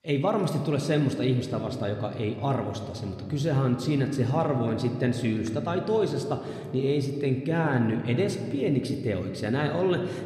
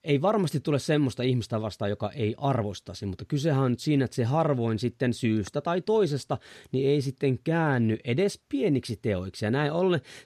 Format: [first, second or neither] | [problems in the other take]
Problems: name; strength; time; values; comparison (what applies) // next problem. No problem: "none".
second | room echo; slight; dies away in 2.2 s